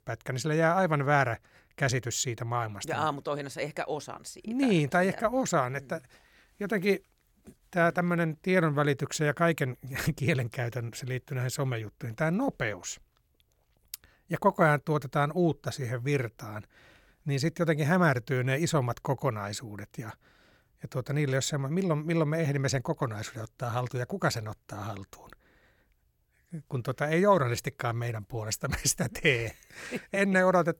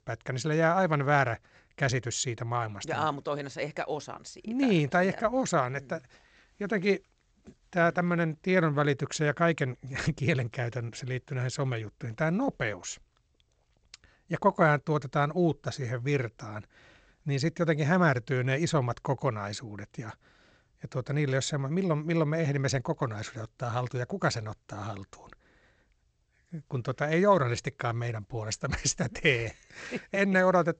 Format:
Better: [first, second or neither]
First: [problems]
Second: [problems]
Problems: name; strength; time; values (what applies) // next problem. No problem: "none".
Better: first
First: none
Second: garbled, watery; slightly; nothing above 7.5 kHz